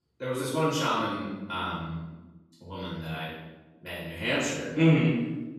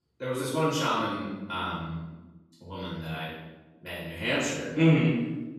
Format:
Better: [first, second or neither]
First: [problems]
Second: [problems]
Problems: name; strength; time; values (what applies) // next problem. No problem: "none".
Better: neither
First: room echo; strong; dies away in 1 s // off-mic speech; far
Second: room echo; strong; dies away in 1 s // off-mic speech; far